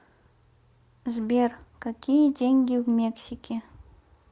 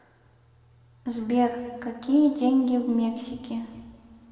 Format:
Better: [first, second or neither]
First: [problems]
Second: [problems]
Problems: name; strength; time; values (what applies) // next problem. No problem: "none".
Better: first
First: none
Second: room echo; dies away in 1.8 s